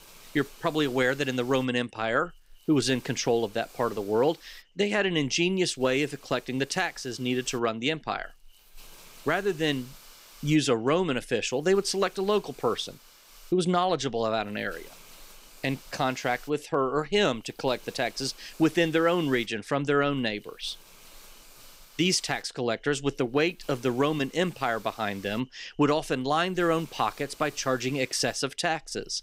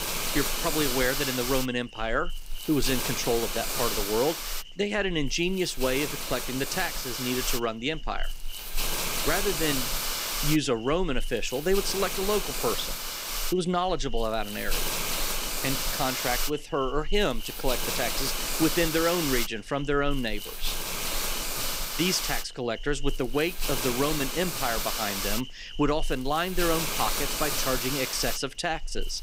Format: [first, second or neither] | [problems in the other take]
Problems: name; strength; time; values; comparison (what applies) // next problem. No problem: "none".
first | hiss; loud; throughout; 1 dB below the speech; faint in the first